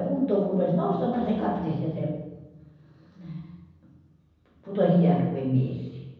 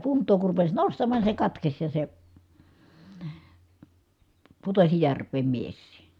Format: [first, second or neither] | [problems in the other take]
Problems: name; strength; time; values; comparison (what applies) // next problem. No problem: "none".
second | room echo; dies away in 1.1 s